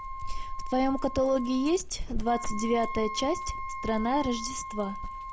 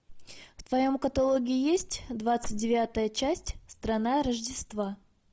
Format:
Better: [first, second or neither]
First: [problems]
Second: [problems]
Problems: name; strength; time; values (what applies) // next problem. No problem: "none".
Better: second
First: background sound (Wind instrument, woodwind instrument + Dog); 5 dB below the speech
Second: none